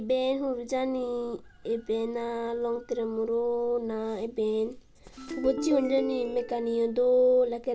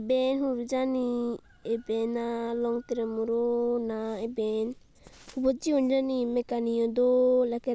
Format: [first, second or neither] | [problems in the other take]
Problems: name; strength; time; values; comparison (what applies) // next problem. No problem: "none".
second | background sound (Ringtone); 7 dB below the speech // room echo; dies away in 0.2 s